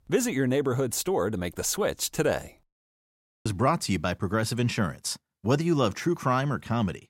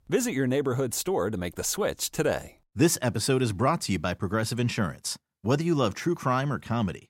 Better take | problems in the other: second | audio cutting out; at 2.5 s for 1 s

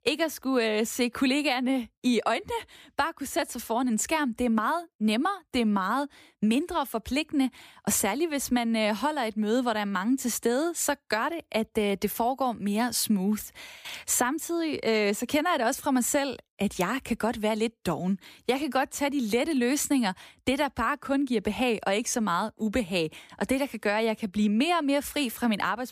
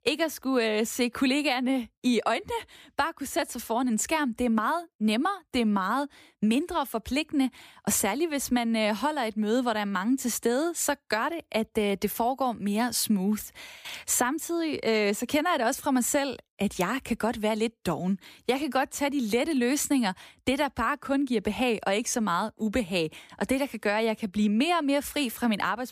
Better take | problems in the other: neither | none

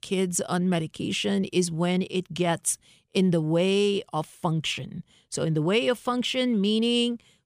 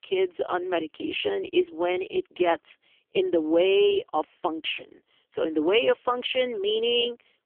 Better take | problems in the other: first | phone-call audio; poor line; nothing above 3 kHz

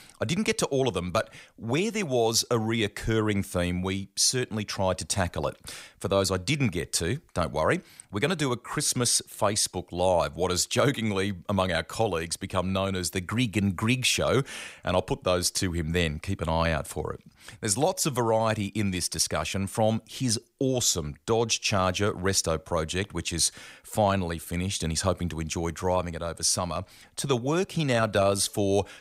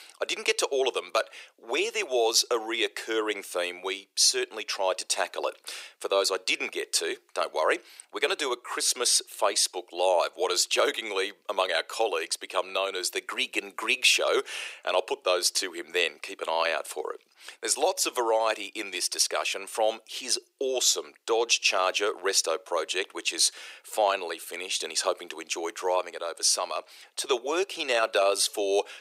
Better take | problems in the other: first | thin; very; fading below 350 Hz

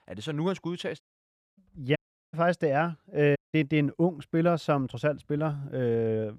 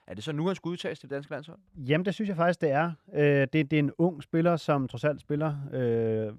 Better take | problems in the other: second | audio cutting out; at 1 s for 0.5 s, at 2 s and at 3.5 s

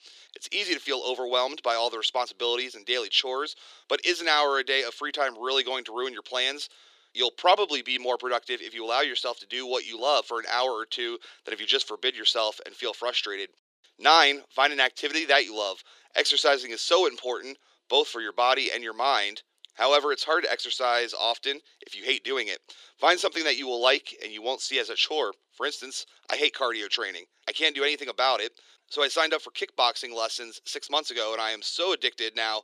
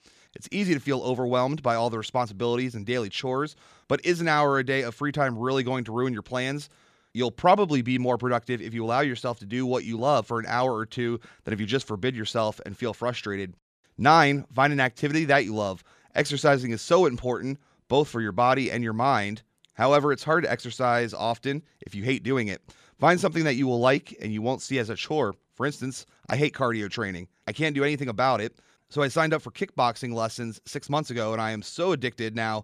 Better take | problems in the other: second | thin; very; fading below 350 Hz

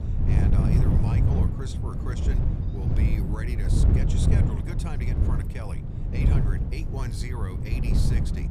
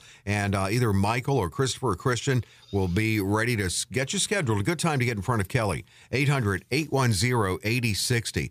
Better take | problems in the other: second | wind noise on the microphone; heavy; 3 dB above the speech

